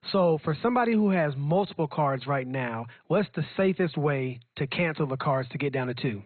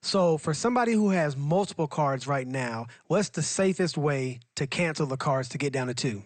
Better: second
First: garbled, watery; badly; nothing above 4 kHz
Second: garbled, watery; slightly; nothing above 8.5 kHz

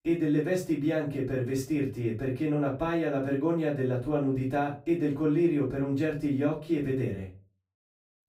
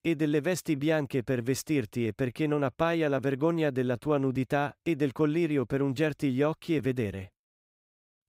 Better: second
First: off-mic speech; far // room echo; slight; dies away in 0.3 s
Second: none

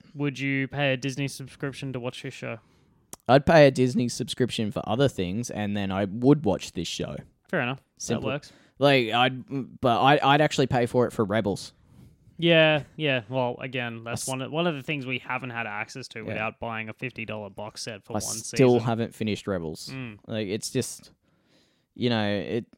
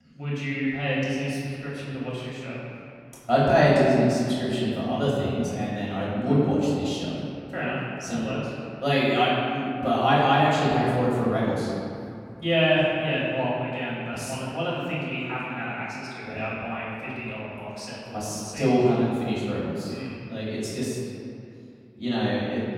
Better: first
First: none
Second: off-mic speech; far // room echo; strong; dies away in 2.3 s

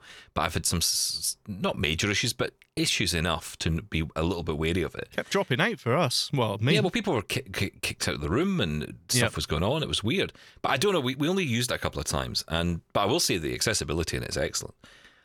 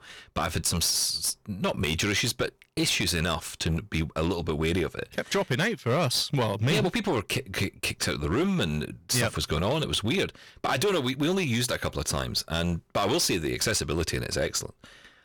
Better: first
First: none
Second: distortion; slight; 9% of the sound clipped

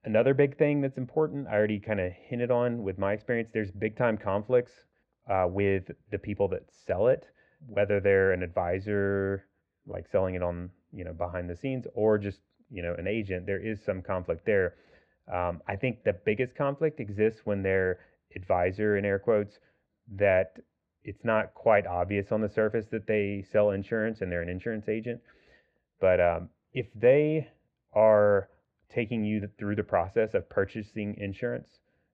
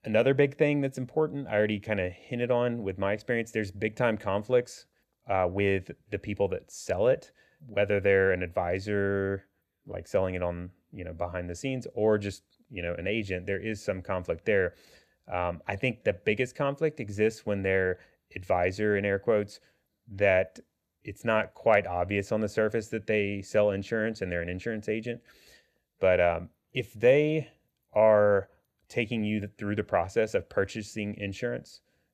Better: second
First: muffled; very; fading above 2 kHz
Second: none

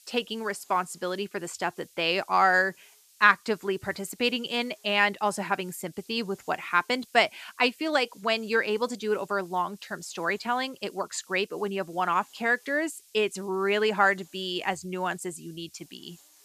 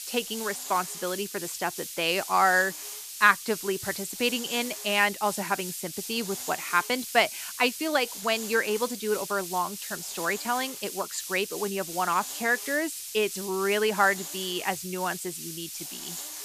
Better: first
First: hiss; faint; throughout; 25 dB below the speech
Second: hiss; loud; throughout; 8 dB below the speech

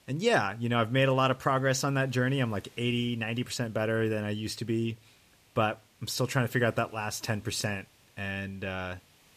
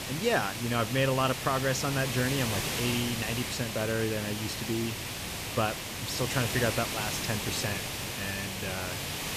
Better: first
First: hiss; faint; throughout; 30 dB below the speech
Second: hiss; loud; throughout; 2 dB below the speech

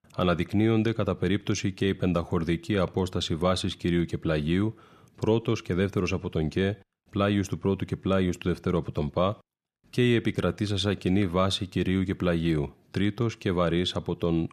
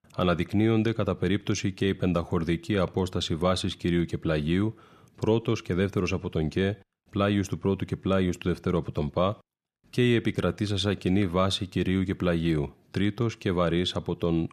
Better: neither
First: none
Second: none

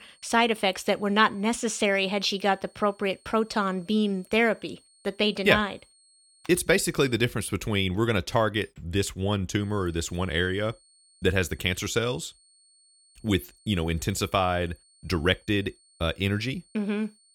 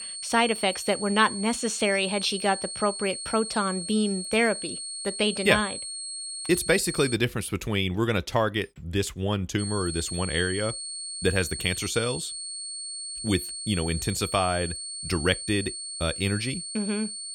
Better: first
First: high-pitched whine; faint; until 7 s and from 9.5 s on; 8.5 kHz, 30 dB below the speech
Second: high-pitched whine; loud; until 7 s and from 9.5 s on; 8.5 kHz, 6 dB below the speech

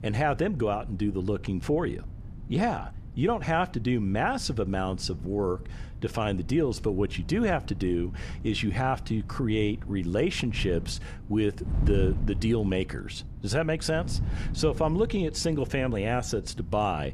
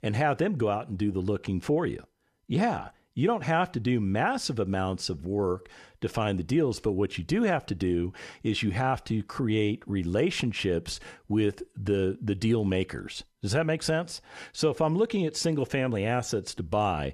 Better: second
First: wind noise on the microphone; occasional gusts; 20 dB below the speech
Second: none

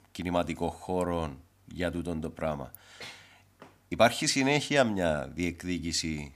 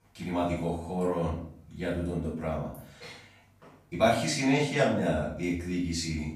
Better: first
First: none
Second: off-mic speech; far // room echo; noticeable; dies away in 0.5 s

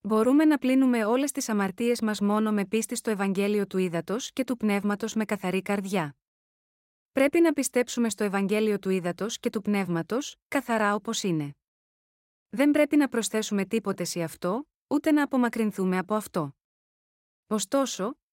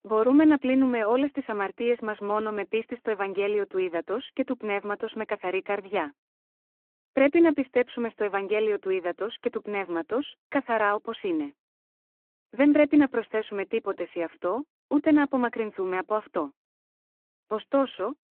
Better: first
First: none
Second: phone-call audio

